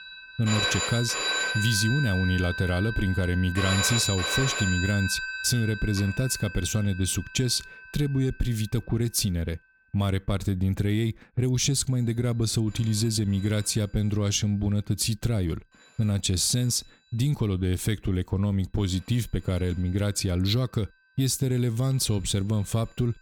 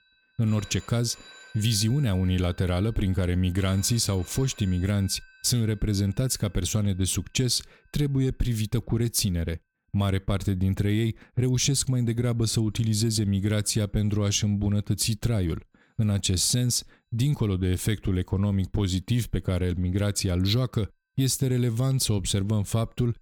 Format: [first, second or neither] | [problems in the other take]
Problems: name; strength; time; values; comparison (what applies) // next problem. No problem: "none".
second | alarms or sirens; loud; throughout; 3 dB below the speech; faint in the second